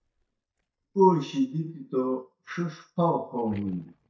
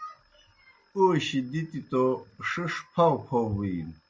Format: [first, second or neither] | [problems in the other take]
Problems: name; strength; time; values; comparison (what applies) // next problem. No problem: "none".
second | noise reduction (neural mask model DeepFilterNet 3)